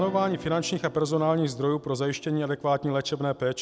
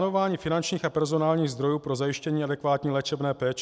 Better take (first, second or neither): second